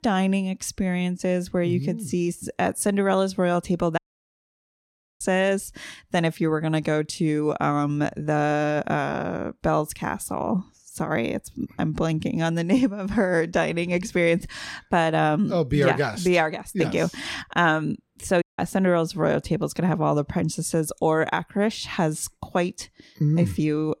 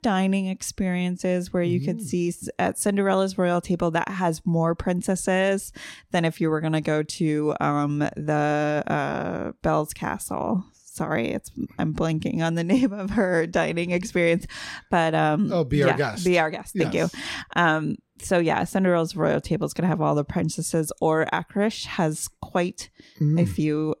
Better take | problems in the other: second | audio cutting out; at 4 s for 1 s and at 18 s

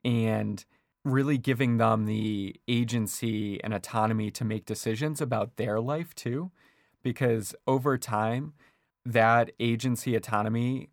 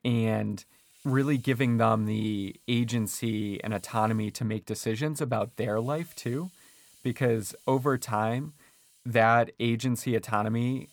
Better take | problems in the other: first | hiss; faint; throughout; 30 dB below the speech

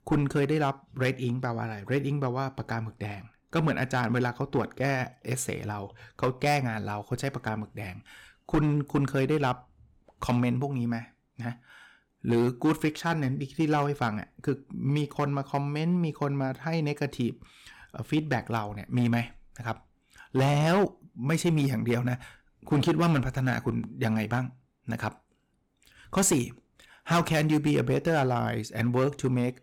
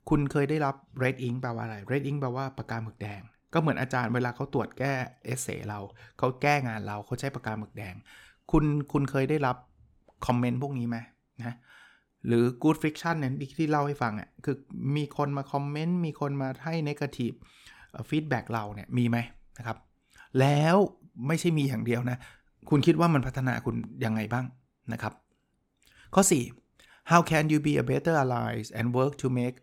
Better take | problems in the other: second | distortion; slight; 4% of the sound clipped

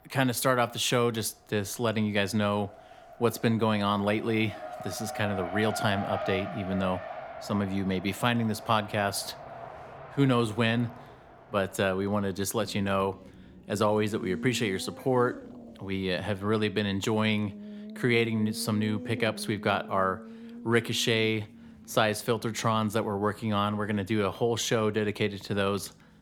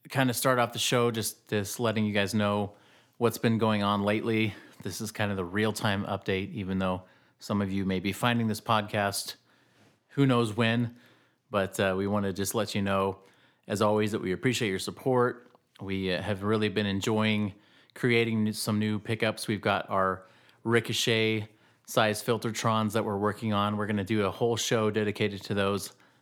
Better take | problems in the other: second | traffic noise; noticeable; throughout; 15 dB below the speech

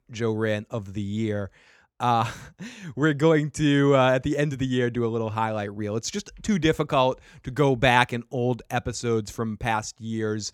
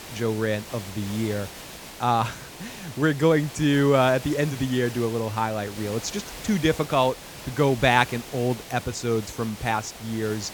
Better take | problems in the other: first | hiss; noticeable; throughout; 15 dB below the speech

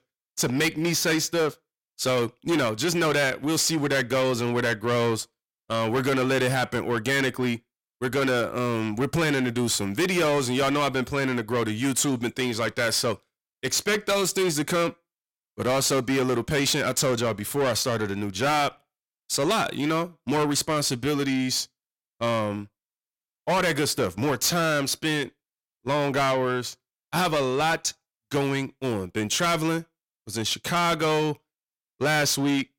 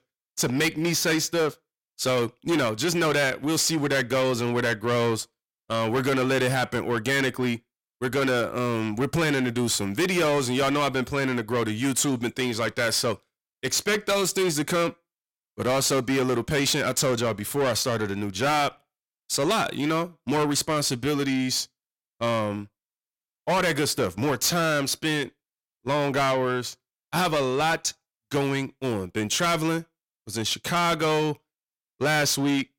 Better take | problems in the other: neither | distortion; heavy; 6 dB below the speech; the same in both

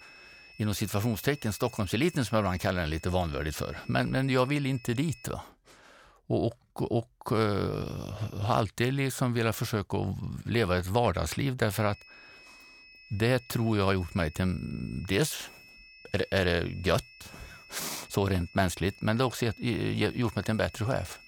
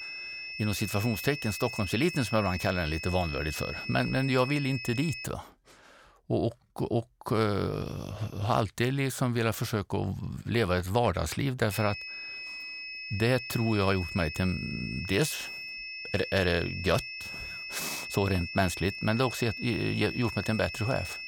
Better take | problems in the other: first | high-pitched whine; loud; until 5.5 s and from 12 s on; 2.5 kHz, 7 dB below the speech; faint in the first

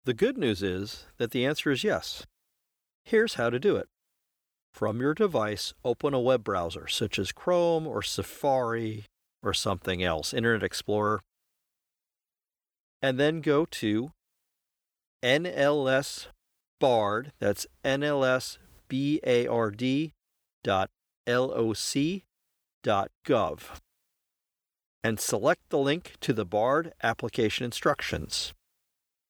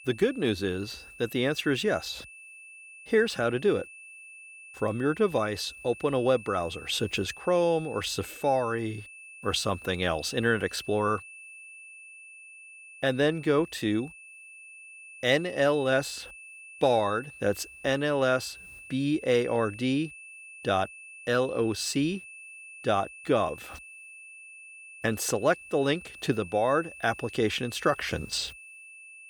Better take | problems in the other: first | high-pitched whine; noticeable; throughout; 2.5 kHz, 15 dB below the speech

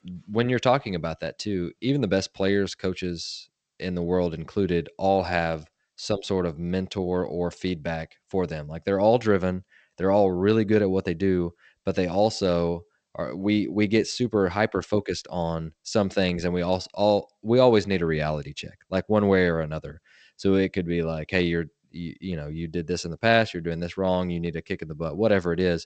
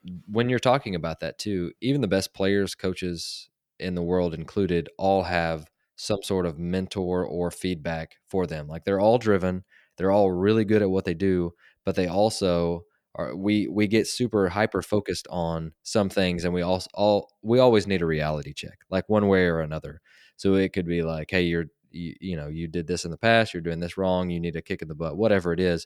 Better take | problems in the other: second | garbled, watery; slightly; nothing above 8 kHz

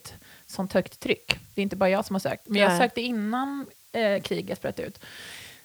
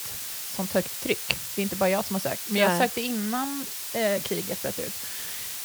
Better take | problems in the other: first | hiss; loud; throughout; 3 dB below the speech; faint in the first

